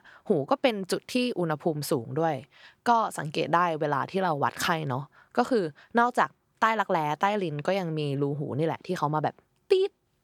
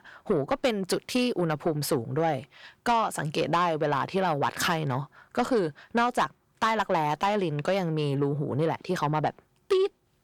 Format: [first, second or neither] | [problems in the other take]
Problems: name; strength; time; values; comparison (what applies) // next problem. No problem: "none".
first | distortion; slight; 10 dB below the speech